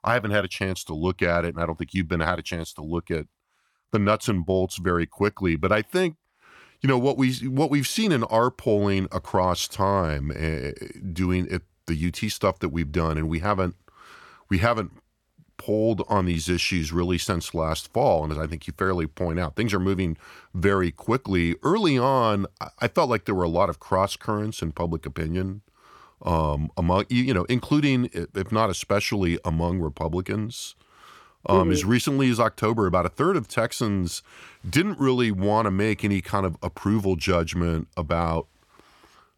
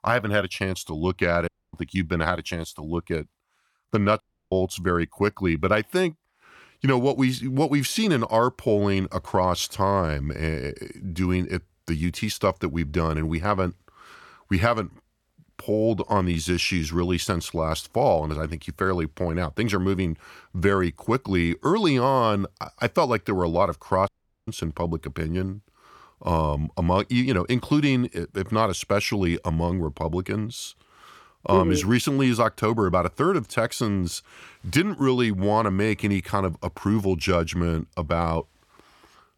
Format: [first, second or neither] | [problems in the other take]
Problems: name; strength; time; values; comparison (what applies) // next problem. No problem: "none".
first | audio cutting out; at 1.5 s, at 4 s and at 24 s